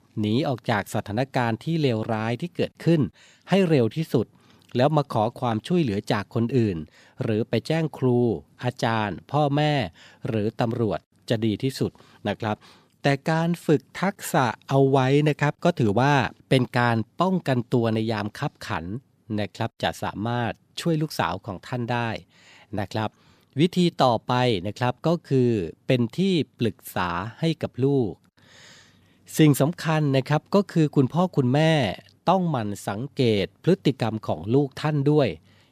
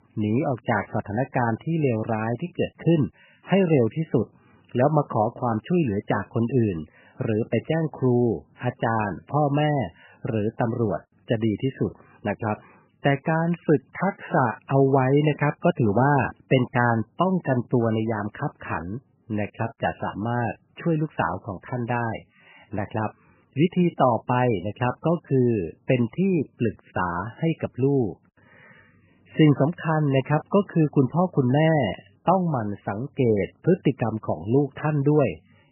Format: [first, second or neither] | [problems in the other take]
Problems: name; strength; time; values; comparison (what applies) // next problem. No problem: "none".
first | garbled, watery; badly; nothing above 3 kHz